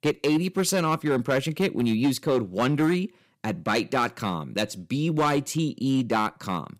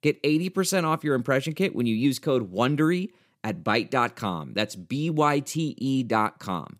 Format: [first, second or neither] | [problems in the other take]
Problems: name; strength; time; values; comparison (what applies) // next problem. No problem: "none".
second | distortion; slight; 6% of the sound clipped